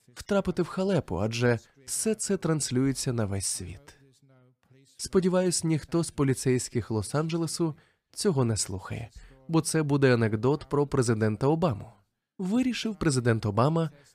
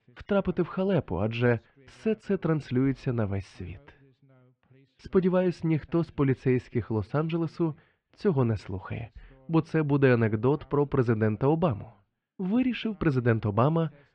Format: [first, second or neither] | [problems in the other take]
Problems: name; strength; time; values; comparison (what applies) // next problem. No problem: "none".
first | muffled; very; fading above 3 kHz